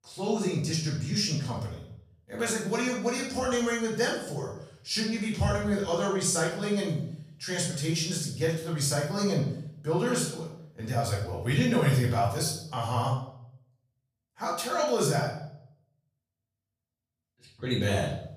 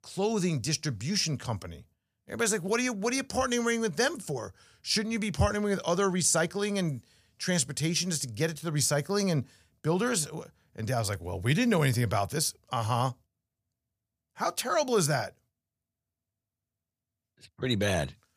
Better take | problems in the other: second | room echo; noticeable; dies away in 0.6 s // off-mic speech; far

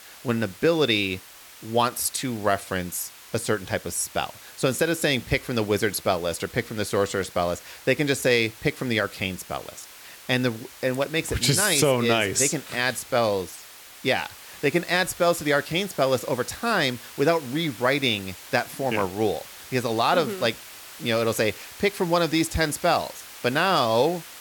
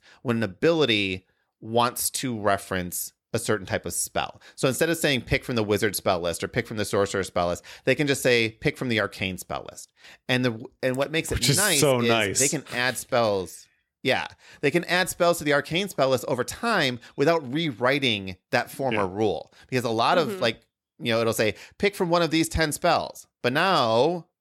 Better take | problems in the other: second | hiss; noticeable; throughout; 15 dB below the speech

